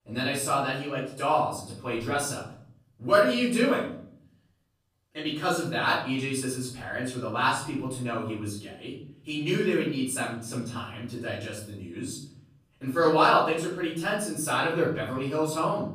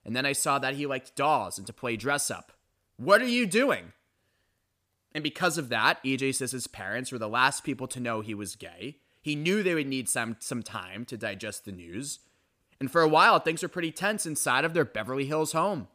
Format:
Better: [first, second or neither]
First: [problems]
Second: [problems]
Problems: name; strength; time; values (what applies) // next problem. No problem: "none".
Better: second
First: off-mic speech; far // room echo; noticeable; dies away in 0.7 s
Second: none